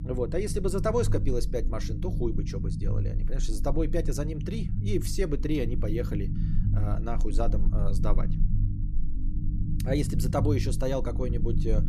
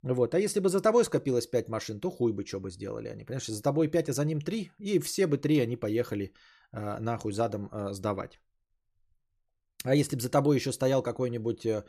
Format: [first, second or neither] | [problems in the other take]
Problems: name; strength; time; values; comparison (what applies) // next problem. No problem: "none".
second | low rumble; noticeable; throughout; 10 dB below the speech